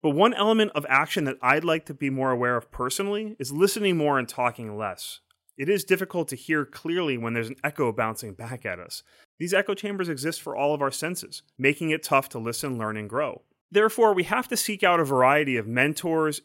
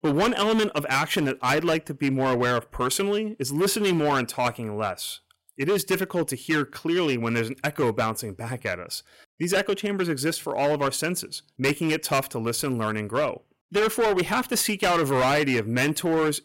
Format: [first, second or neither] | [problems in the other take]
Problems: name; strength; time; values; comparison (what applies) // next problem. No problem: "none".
first | distortion; heavy; 12% of the sound clipped